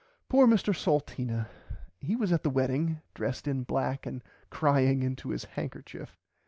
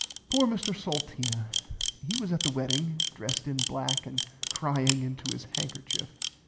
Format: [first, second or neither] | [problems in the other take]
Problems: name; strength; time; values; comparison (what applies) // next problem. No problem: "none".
first | background sound (Camera); 2 dB below the speech // room echo; dies away in 2.3 s